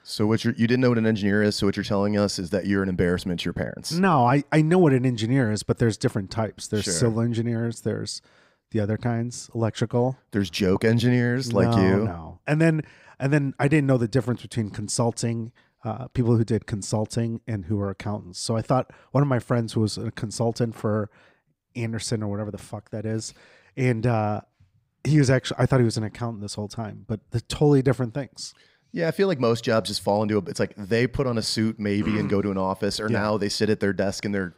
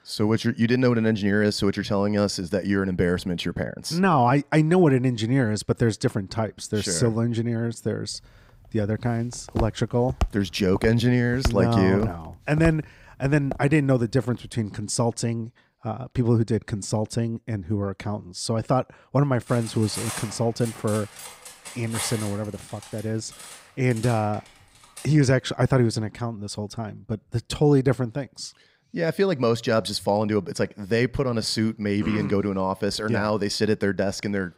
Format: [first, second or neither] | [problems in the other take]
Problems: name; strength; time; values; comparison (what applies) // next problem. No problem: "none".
first | footsteps; noticeable; from 9.5 to 14 s; peak 6 dB below the speech // clattering dishes; noticeable; from 19 to 25 s; peak 6 dB below the speech